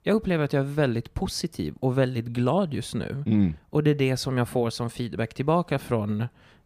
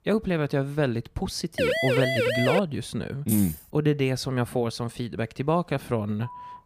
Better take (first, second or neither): first